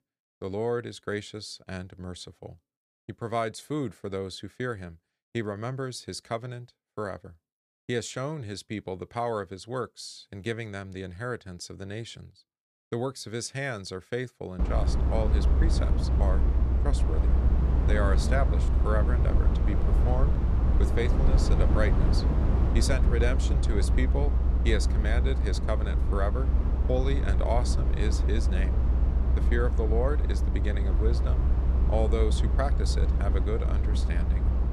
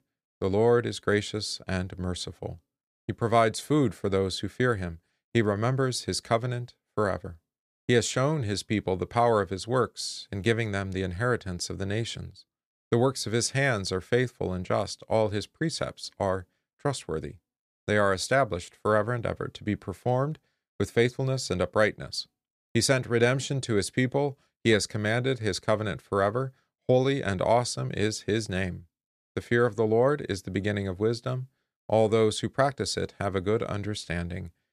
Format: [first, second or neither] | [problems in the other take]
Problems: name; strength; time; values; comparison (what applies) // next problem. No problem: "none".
second | low rumble; loud; from 15 s on; 5 dB below the speech